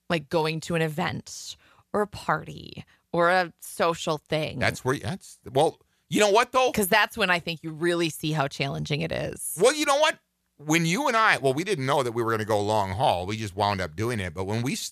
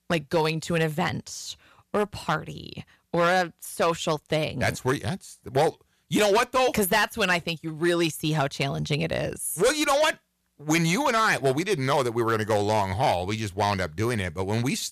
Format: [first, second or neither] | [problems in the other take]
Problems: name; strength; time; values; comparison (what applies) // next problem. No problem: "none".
first | distortion; slight; 5% of the sound clipped